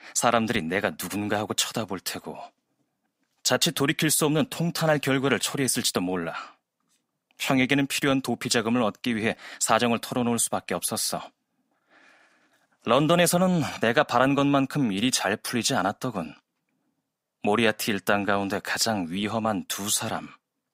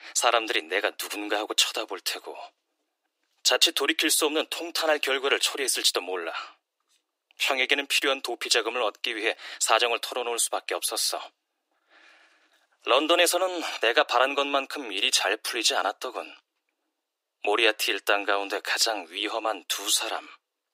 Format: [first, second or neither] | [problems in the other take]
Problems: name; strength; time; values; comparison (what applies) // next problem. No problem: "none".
first | thin; very; fading below 300 Hz